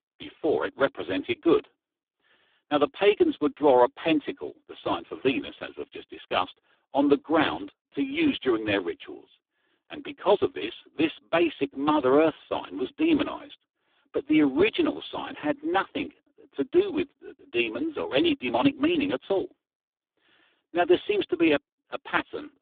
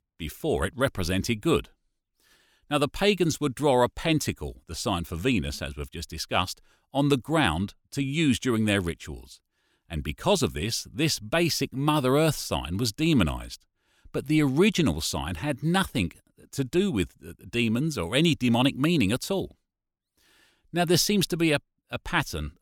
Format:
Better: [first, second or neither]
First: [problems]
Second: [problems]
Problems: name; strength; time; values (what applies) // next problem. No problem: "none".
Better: second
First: phone-call audio; poor line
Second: none